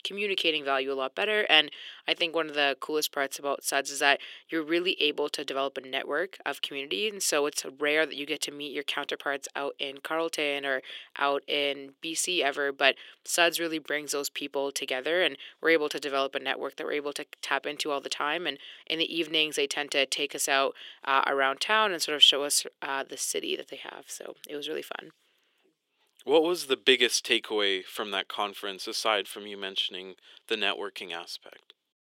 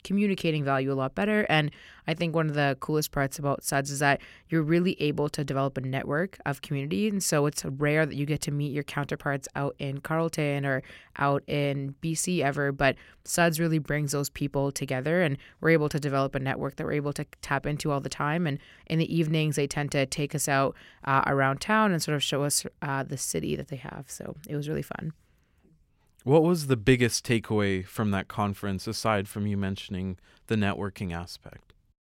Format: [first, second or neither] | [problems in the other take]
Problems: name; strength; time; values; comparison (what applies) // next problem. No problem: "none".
second | thin; somewhat; fading below 350 Hz